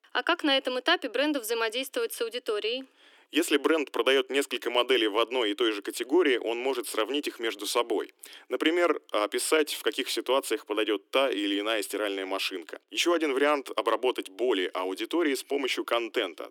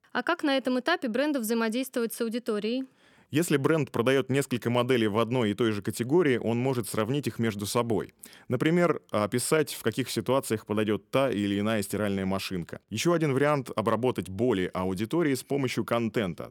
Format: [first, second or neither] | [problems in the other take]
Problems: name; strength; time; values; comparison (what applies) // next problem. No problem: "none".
second | thin; somewhat; fading below 300 Hz